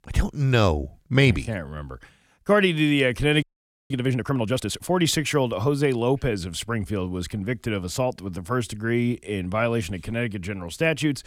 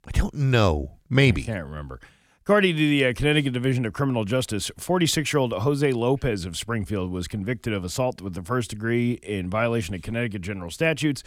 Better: second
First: audio freezing; at 3.5 s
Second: none

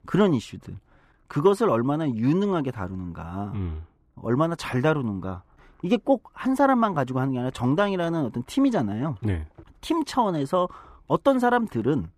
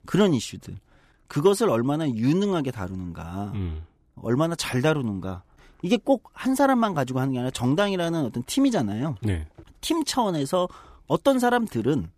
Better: second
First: muffled; slightly; fading above 3 kHz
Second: none

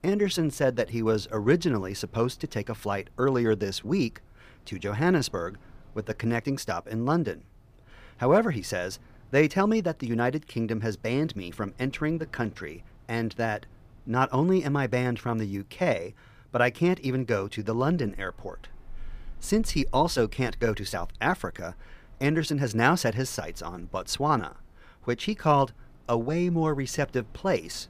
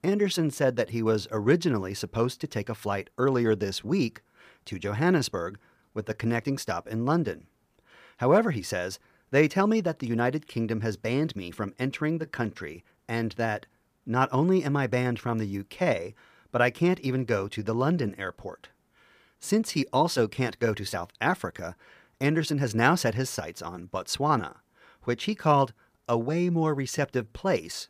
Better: second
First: wind in the background; faint; throughout; 25 dB below the speech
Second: none

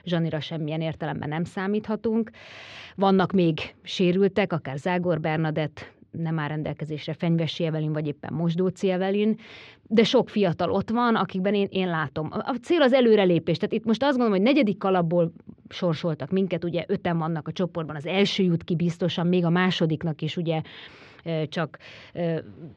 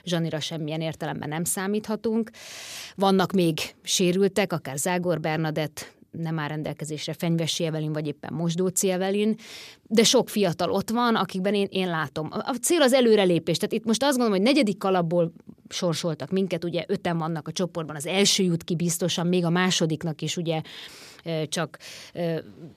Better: second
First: muffled; slightly; fading above 3 kHz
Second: none

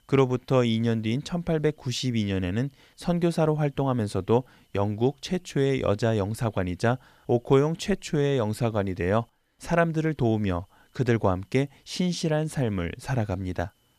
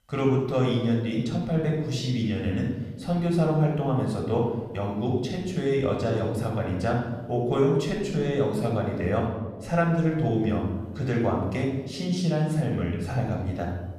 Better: first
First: none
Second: off-mic speech; somewhat distant // room echo; noticeable; dies away in 1.1 s

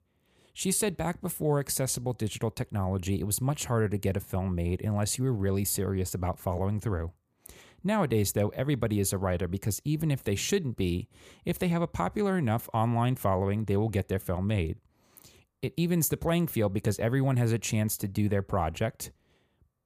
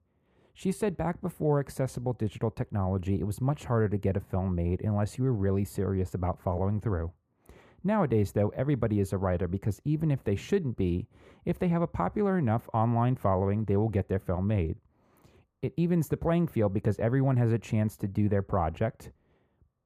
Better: first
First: none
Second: muffled; very; fading above 2.5 kHz

